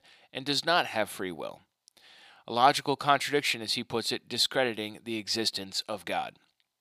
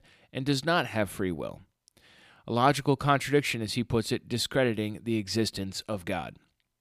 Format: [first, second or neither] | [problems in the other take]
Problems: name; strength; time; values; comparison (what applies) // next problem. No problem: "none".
second | thin; somewhat; fading below 1 kHz